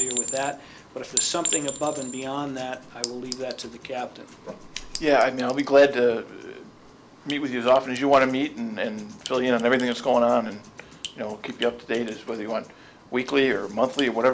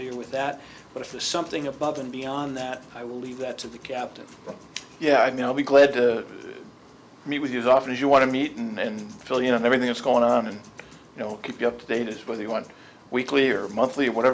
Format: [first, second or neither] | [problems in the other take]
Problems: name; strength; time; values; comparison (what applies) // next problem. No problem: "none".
second | background sound (Chink, clink); 11 dB below the speech